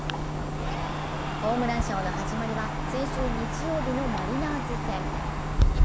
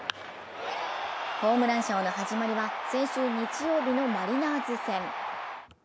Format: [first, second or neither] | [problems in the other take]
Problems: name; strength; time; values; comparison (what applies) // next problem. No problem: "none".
second | background sound (Clock); 3 dB above the speech